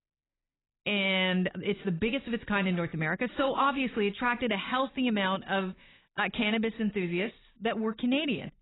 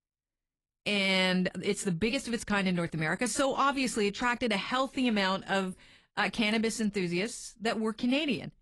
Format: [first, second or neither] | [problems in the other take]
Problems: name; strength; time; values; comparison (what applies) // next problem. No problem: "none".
second | garbled, watery; badly; nothing above 4 kHz; slightly in the second